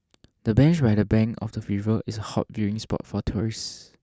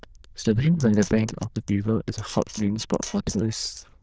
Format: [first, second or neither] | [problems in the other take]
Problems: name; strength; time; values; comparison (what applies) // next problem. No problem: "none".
first | noise reduction (neural diffusion model UNIVERSE++)